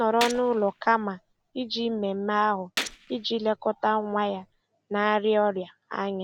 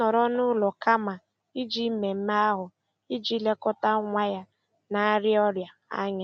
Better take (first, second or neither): second